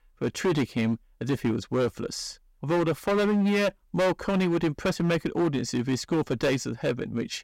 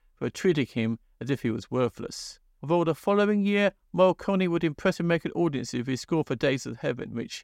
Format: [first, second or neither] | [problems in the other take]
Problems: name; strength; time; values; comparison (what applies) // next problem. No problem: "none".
second | distortion; heavy; 13% of the sound clipped